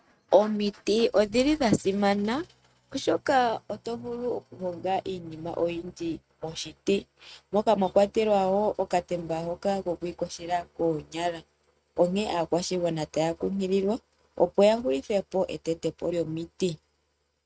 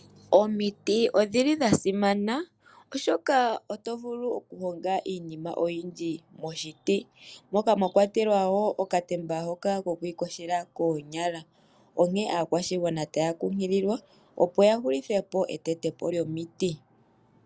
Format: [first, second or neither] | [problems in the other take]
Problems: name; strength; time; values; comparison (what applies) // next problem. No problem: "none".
second | noise reduction (neural mask model RNNoise)